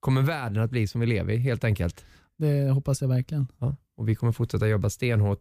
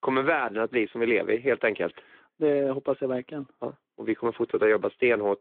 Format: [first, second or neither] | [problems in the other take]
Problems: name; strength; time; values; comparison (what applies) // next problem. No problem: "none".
first | phone-call audio